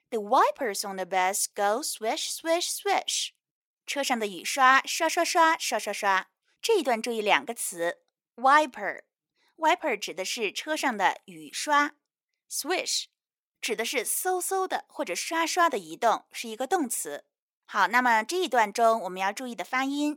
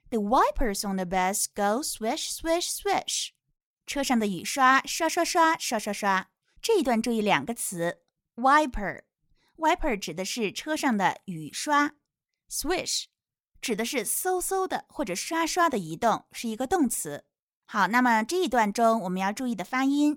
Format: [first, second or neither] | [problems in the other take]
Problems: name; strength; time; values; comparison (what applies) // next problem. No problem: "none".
second | thin; somewhat; fading below 450 Hz